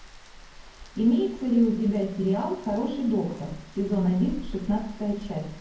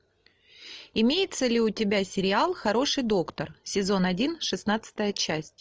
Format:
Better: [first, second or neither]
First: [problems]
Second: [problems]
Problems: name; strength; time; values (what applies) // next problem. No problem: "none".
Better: second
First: background sound (Rain); 16 dB below the speech // room echo; dies away in 0.9 s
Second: none